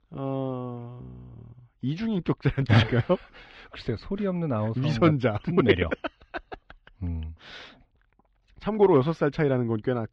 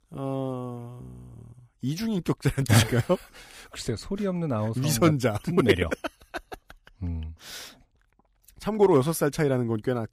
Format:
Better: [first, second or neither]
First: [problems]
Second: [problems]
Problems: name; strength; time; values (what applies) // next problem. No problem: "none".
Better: second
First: muffled; slightly; fading above 3.5 kHz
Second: none